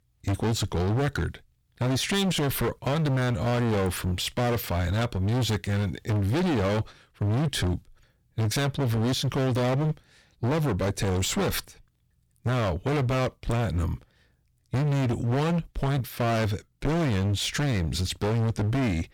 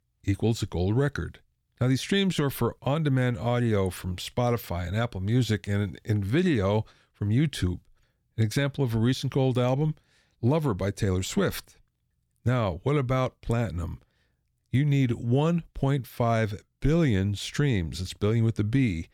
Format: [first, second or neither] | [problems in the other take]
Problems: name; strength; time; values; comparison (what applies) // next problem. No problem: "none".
second | distortion; heavy; 31% of the sound clipped